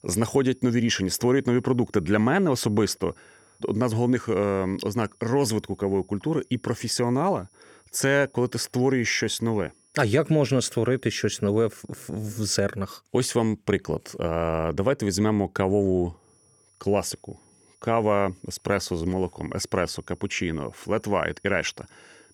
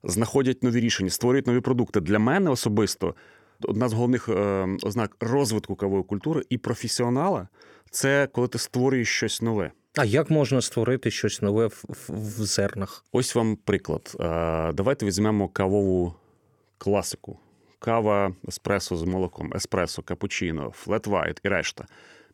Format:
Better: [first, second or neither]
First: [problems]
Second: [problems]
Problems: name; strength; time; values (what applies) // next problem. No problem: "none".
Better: second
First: high-pitched whine; faint; until 12 s and from 16 s on; 10 kHz, 35 dB below the speech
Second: none